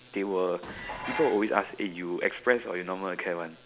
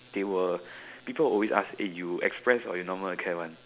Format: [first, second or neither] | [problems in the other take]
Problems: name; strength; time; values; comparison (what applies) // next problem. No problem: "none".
second | background sound (Dishes, pots, and pans); 12 dB below the speech